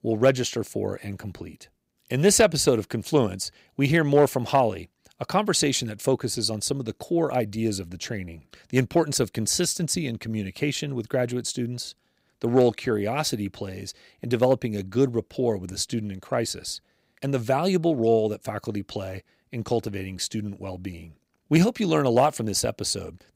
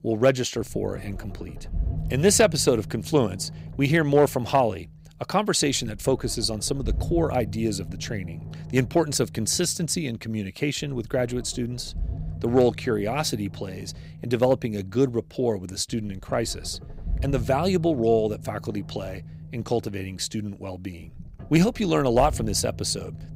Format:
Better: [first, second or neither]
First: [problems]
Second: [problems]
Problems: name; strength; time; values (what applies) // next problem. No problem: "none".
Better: first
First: none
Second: low rumble; faint; throughout; 25 dB below the speech